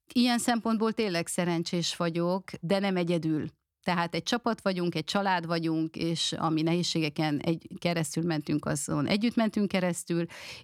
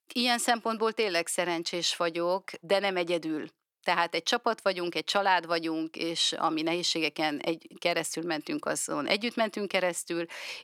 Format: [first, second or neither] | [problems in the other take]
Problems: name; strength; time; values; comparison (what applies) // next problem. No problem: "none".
first | thin; somewhat; fading below 450 Hz